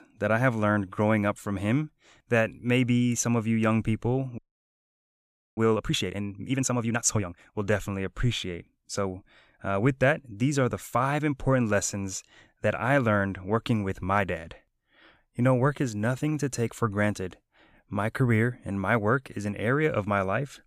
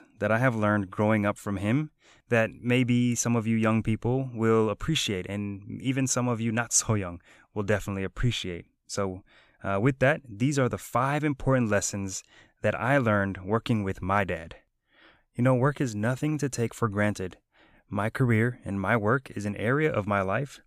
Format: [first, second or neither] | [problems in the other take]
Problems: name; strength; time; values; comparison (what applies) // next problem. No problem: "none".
second | audio freezing; at 4.5 s for 1 s